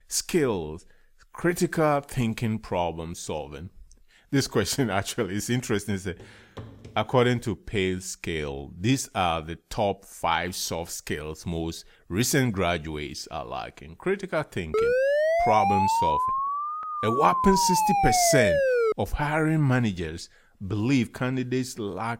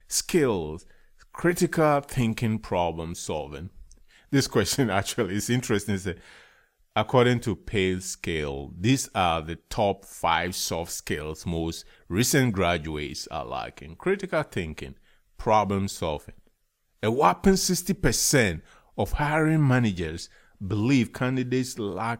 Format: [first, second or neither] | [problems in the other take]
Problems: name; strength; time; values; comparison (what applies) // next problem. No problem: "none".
second | footsteps; faint; from 6 to 7 s; peak 15 dB below the speech // siren; loud; from 15 to 19 s; peak 4 dB above the speech